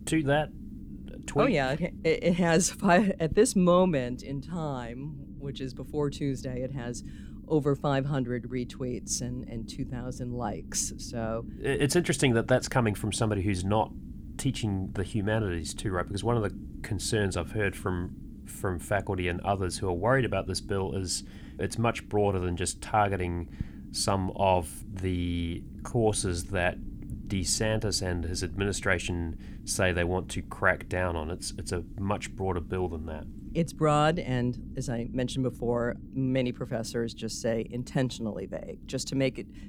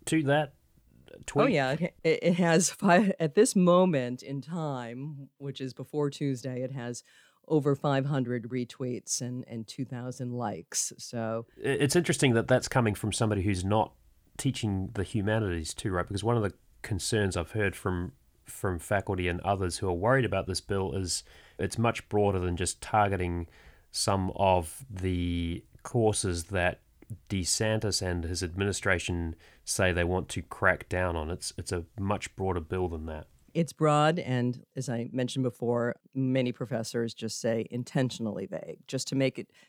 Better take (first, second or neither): second